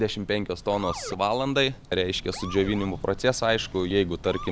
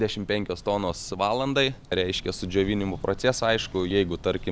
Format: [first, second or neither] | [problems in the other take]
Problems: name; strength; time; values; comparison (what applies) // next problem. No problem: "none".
second | background sound (Motor vehicle (road) / Siren); 18 dB below the speech